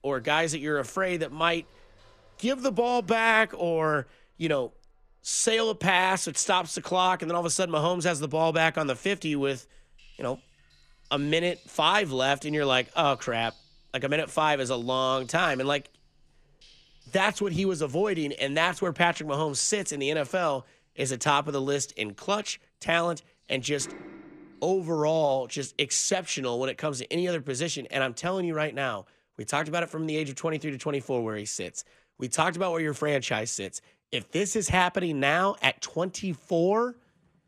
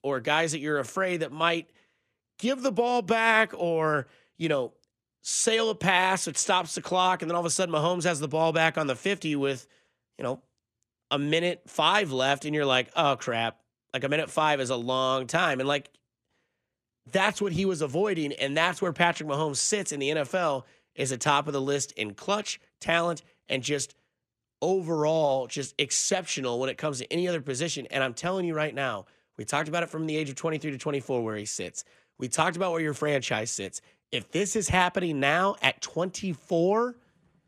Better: second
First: household noises; faint; throughout; 30 dB below the speech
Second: none

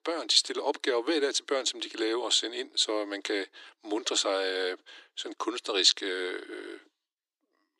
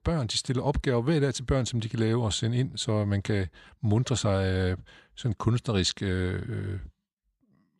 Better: second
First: thin; very; fading below 300 Hz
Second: none

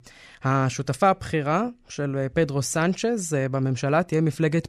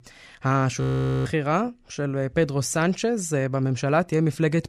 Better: first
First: none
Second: audio freezing; at 1 s

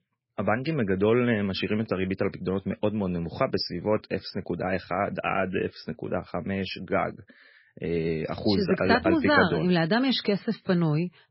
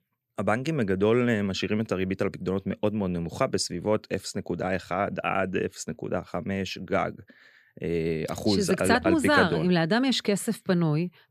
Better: second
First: garbled, watery; badly; nothing above 5.5 kHz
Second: none

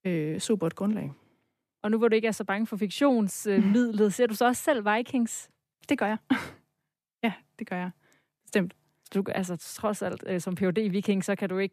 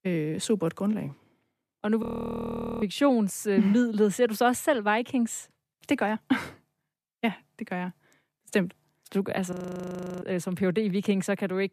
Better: first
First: none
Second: audio freezing; at 2 s for 1 s and at 9.5 s for 0.5 s

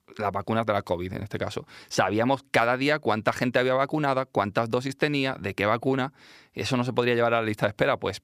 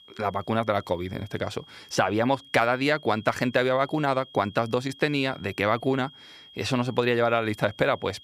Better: first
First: none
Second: high-pitched whine; faint; throughout; 3.5 kHz, 20 dB below the speech

